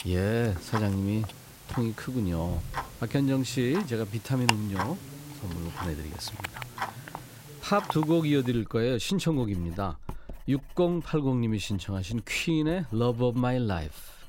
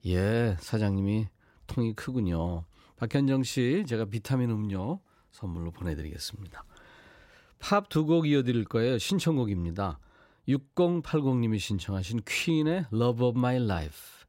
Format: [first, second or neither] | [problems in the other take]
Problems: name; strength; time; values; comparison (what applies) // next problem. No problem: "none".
second | household noises; loud; throughout; 9 dB below the speech